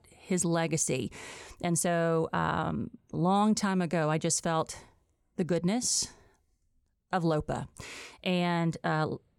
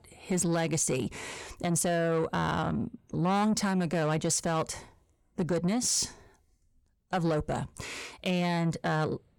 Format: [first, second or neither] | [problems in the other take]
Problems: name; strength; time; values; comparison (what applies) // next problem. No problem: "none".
first | distortion; slight; 10 dB below the speech